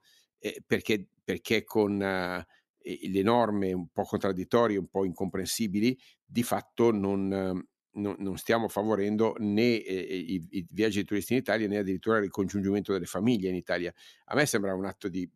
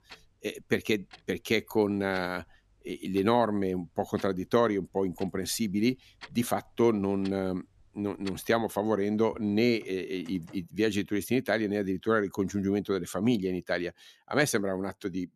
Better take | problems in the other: first | household noises; faint; until 10 s; 25 dB below the speech

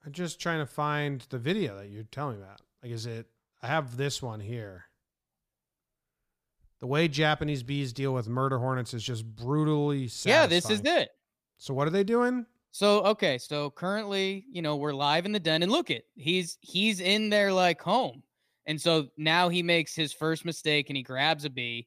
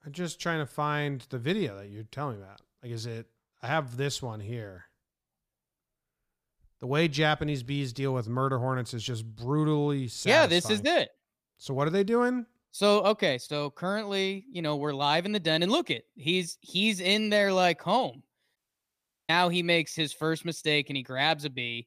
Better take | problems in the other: first | audio cutting out; at 19 s for 0.5 s

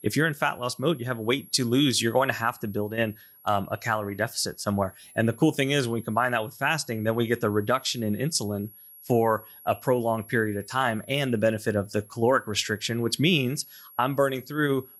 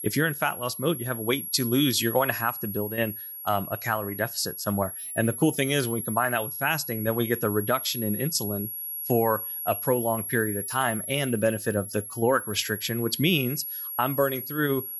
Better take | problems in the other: first | high-pitched whine; loud; throughout; 11 kHz, 6 dB below the speech; faint in the first

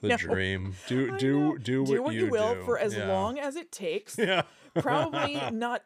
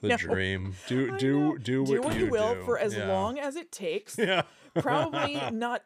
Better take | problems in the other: first | door banging; noticeable; at 2 s; peak 8 dB below the speech

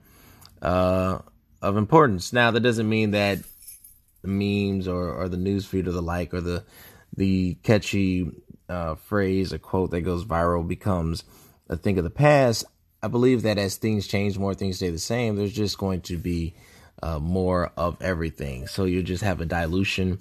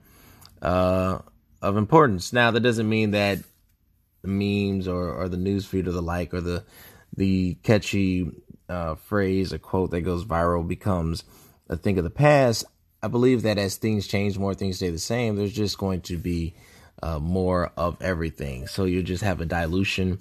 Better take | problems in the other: second | jangling keys; faint; at 3.5 s; peak 20 dB below the speech

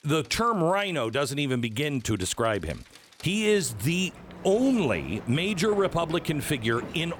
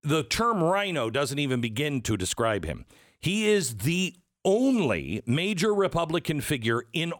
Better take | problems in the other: second | rain or running water; noticeable; throughout; 15 dB below the speech

